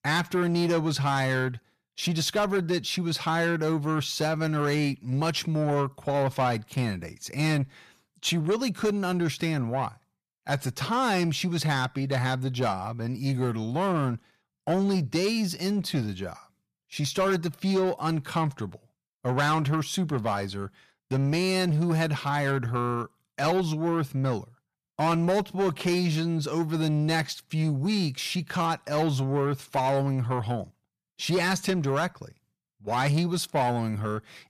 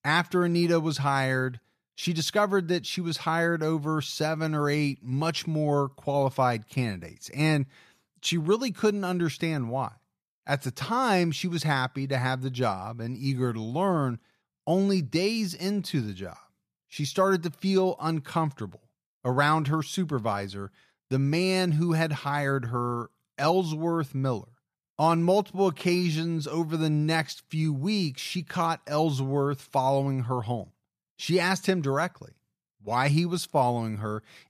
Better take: second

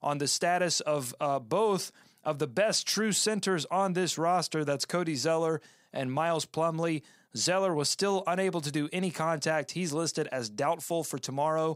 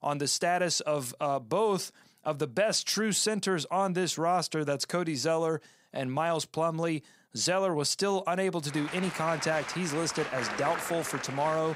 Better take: first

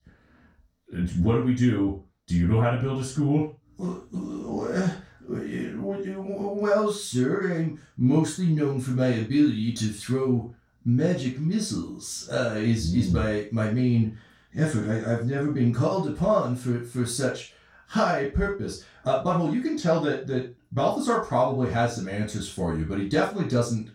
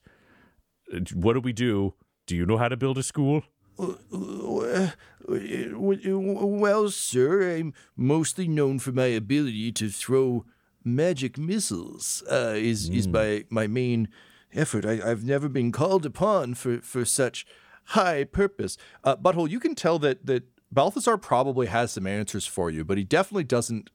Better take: second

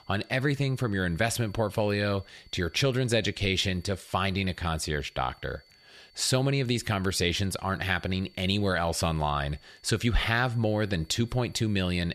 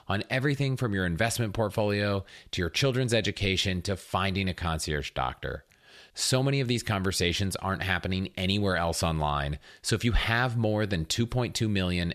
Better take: second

